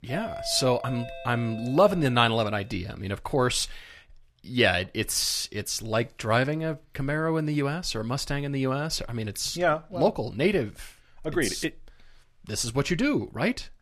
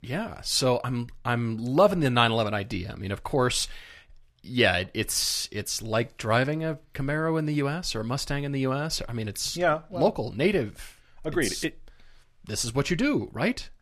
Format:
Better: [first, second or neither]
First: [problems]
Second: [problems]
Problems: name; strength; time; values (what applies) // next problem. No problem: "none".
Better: second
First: doorbell; noticeable; until 2.5 s; peak 9 dB below the speech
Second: none